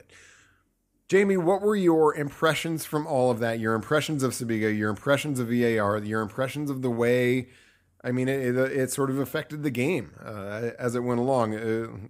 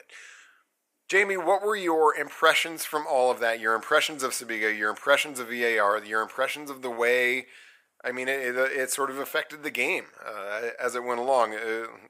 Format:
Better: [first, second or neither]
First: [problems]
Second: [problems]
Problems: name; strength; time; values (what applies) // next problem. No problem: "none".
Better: first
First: none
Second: thin; very; fading below 650 Hz